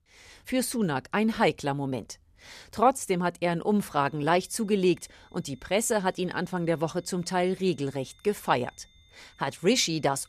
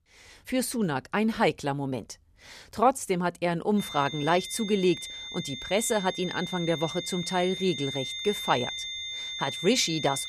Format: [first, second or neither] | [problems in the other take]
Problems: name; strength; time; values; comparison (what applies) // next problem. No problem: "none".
first | high-pitched whine; loud; from 4 s on; 3.5 kHz, 7 dB below the speech; faint in the first